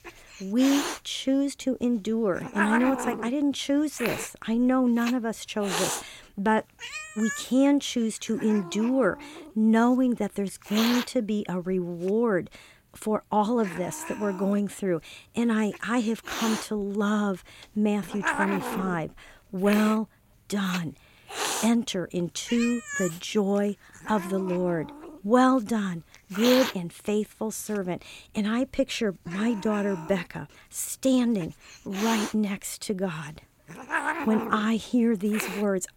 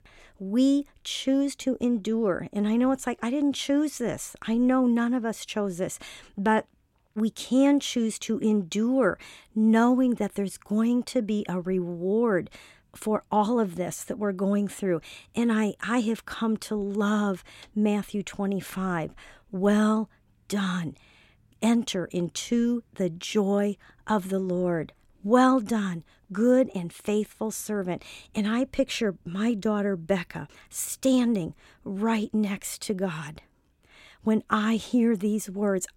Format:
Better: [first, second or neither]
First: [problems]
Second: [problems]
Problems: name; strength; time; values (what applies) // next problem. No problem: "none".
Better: second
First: hiss; loud; throughout; 7 dB below the speech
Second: none